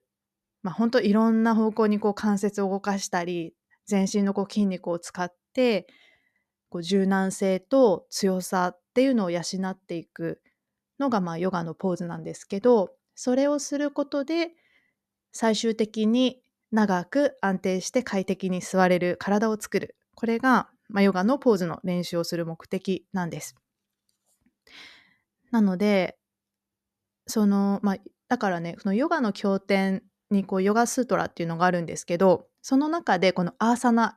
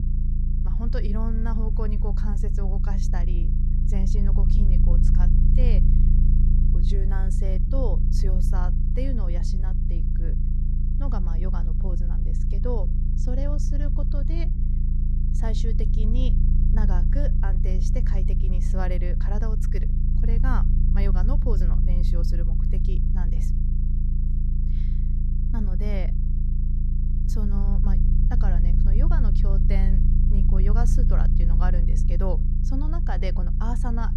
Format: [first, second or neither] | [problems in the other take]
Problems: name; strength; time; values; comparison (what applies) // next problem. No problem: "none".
first | low rumble; loud; throughout; 3 dB below the speech